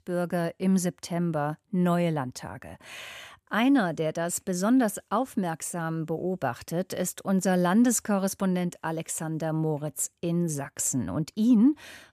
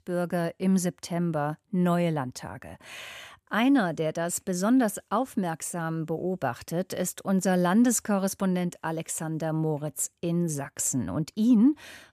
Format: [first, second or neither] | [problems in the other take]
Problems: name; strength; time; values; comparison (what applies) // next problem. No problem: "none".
neither | none